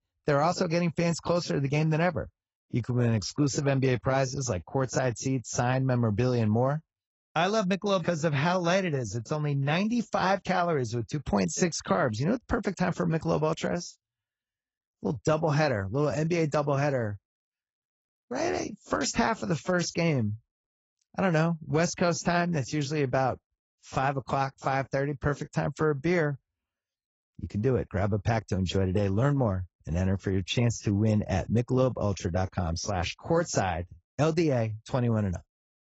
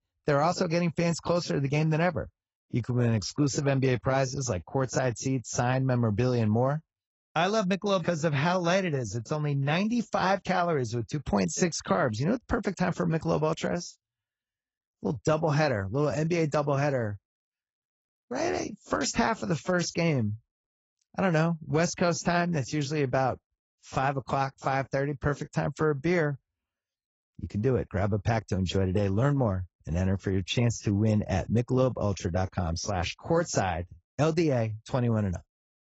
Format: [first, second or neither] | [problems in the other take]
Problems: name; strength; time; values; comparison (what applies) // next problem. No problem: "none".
neither | garbled, watery; badly; nothing above 7.5 kHz; the same in both